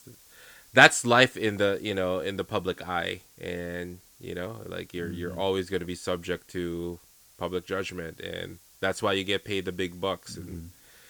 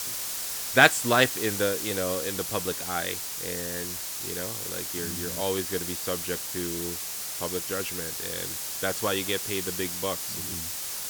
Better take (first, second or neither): first